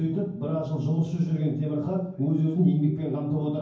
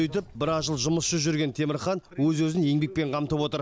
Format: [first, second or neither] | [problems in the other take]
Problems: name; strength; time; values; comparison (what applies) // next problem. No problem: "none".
second | room echo; dies away in 0.9 s